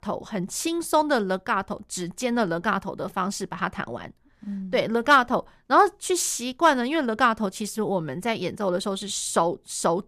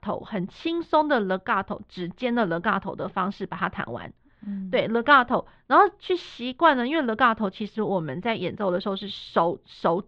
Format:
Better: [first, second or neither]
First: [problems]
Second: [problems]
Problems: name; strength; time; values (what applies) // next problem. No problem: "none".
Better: first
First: none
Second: muffled; very; fading above 3.5 kHz